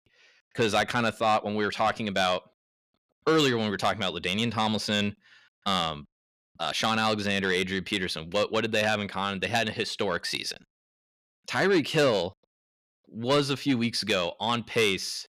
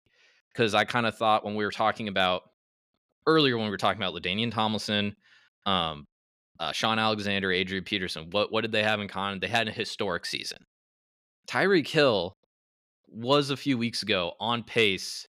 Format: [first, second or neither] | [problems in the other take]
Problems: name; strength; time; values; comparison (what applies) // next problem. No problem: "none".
second | distortion; slight; 10 dB below the speech